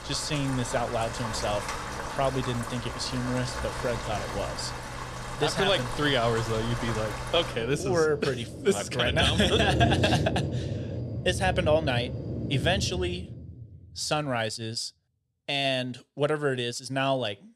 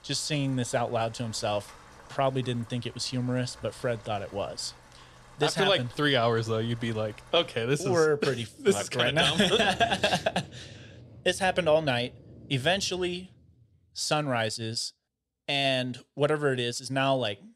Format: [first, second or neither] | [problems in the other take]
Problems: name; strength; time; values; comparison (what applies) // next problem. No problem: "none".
second | rain or running water; loud; until 13 s; 5 dB below the speech; faint in the second